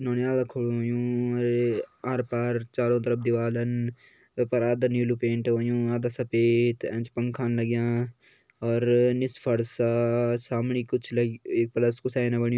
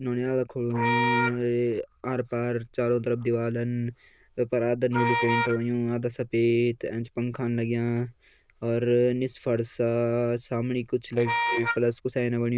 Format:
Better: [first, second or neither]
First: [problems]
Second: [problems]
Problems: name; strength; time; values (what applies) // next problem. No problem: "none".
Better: first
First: none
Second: noise reduction (neural diffusion model UNIVERSE++)